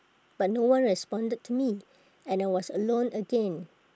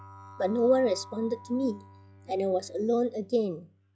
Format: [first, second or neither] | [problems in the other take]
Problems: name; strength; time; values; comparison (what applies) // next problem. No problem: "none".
first | noise reduction (classical method log-MMSE)